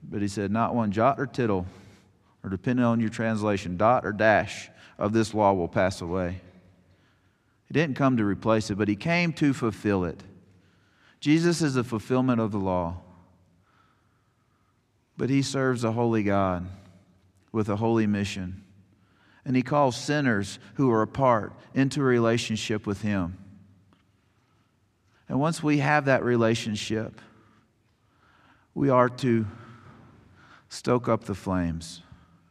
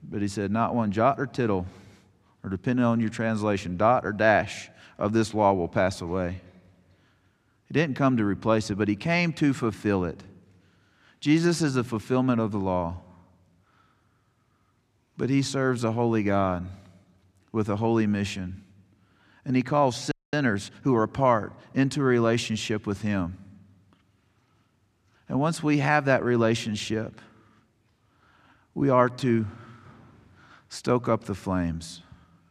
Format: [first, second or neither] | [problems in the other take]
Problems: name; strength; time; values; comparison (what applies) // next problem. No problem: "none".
first | audio freezing; at 20 s